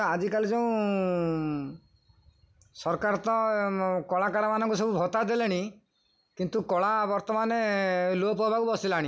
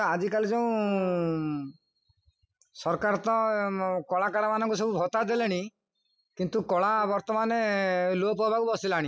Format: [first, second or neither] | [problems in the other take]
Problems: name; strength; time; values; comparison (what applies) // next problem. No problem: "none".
first | noise reduction (classical method spectral subtraction)